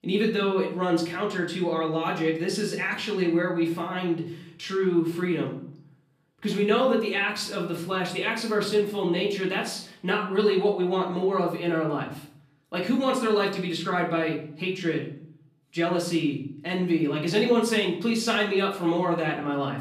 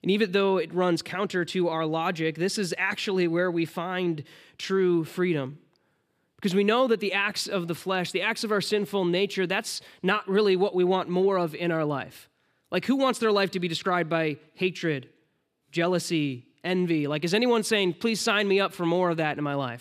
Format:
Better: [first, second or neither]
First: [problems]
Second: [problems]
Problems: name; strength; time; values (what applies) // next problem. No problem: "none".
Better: second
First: off-mic speech; far // room echo; slight; dies away in 0.5 s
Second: none